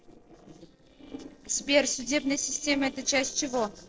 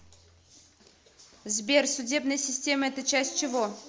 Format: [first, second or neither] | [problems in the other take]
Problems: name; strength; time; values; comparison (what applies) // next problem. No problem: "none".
second | noise reduction (neural separator model SepFormer DNS4)